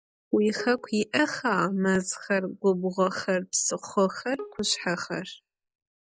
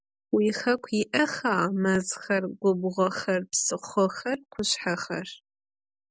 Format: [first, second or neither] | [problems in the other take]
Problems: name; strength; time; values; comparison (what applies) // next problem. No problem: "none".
second | noise reduction (classical method log-MMSE)